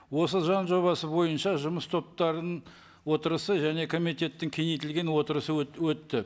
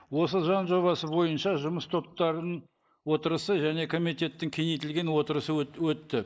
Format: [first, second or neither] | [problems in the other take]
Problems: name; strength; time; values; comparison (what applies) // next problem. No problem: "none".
first | noise reduction (neural mask model Resemble Enhance denoiser)